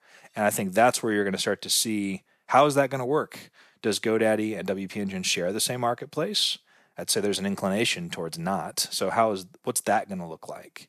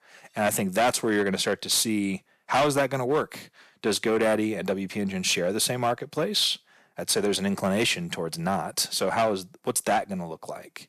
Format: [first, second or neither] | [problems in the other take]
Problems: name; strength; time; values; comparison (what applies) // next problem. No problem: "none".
first | distortion; slight; 5% of the sound clipped